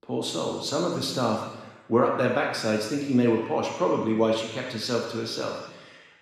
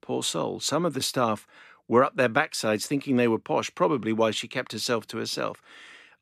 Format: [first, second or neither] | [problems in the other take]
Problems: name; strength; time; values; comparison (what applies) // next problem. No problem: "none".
second | room echo; noticeable; dies away in 1.1 s // off-mic speech; somewhat distant